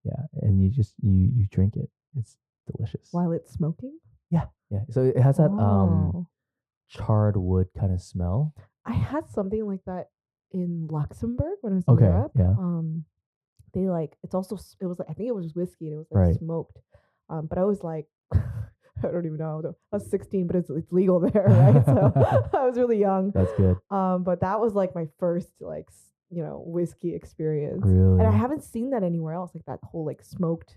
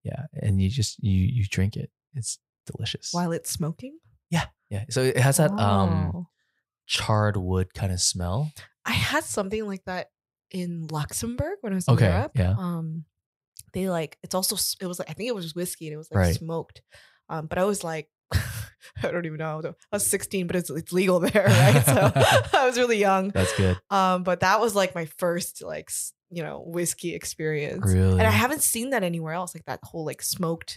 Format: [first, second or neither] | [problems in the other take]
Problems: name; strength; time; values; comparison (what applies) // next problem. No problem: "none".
second | muffled; very; fading above 1 kHz